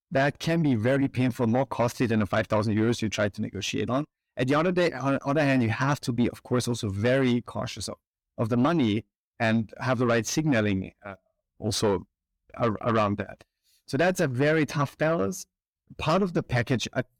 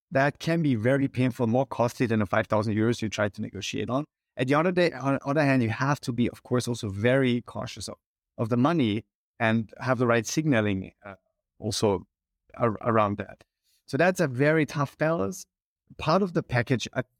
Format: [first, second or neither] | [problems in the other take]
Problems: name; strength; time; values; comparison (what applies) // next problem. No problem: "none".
second | distortion; slight; 10 dB below the speech